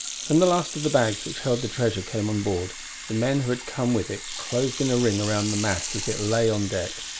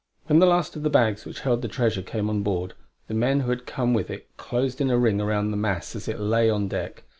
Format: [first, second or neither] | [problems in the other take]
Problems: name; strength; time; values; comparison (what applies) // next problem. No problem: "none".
second | background sound (Sink (filling or washing) / Water tap, faucet); 9 dB below the speech